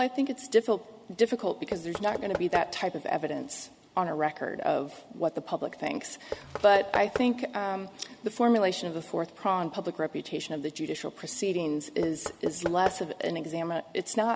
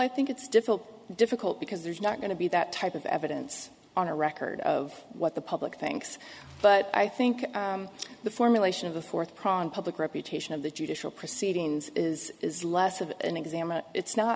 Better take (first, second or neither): second